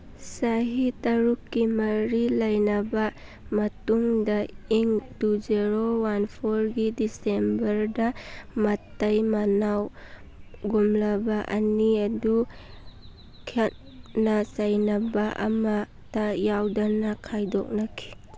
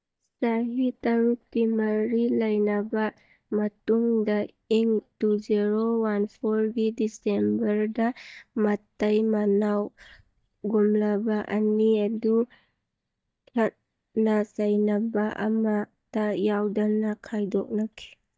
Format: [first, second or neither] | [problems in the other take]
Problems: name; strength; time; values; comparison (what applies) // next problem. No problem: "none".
first | noise reduction (neural mask model DeepFilterNet 3)